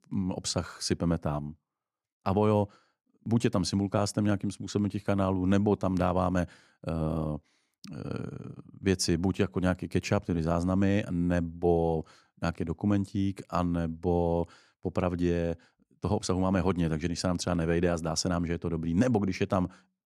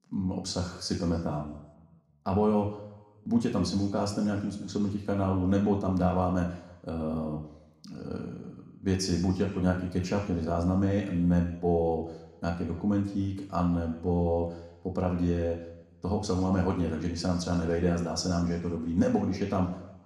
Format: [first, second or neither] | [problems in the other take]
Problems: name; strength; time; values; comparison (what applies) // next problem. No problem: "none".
first | room echo; slight; dies away in 0.9 s // off-mic speech; somewhat distant